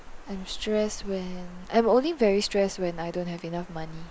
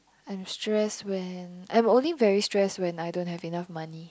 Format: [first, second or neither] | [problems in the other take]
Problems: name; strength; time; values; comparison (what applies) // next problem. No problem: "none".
second | background sound (Water); 13 dB below the speech